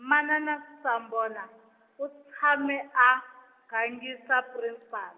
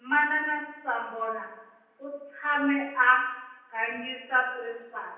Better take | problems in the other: first | room echo; dies away in 0.9 s

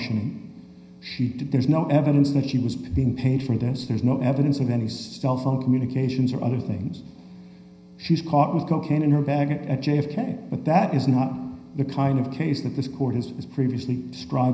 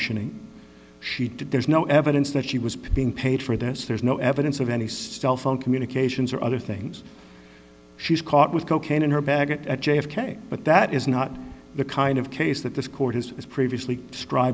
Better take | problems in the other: second | room echo; dies away in 0.9 s

